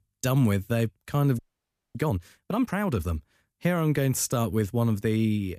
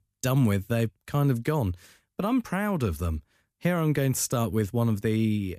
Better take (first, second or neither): second